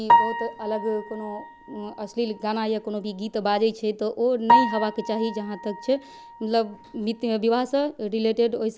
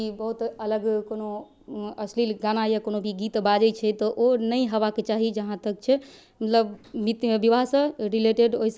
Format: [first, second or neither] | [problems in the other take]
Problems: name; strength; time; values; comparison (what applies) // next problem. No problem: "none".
second | background sound (Piano); 1 dB below the speech